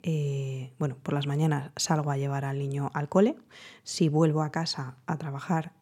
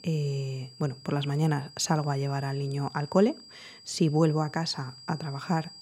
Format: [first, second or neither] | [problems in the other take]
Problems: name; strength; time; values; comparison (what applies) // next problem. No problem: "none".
first | high-pitched whine; noticeable; throughout; 5 kHz, 20 dB below the speech